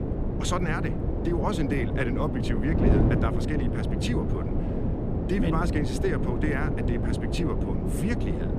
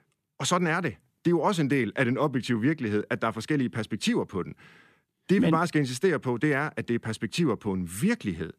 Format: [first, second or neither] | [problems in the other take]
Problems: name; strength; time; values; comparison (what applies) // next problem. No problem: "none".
second | wind noise on the microphone; heavy; 2 dB below the speech